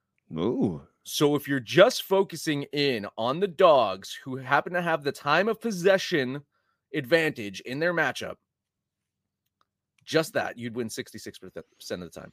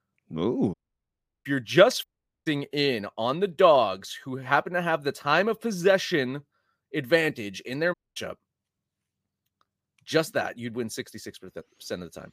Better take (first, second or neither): first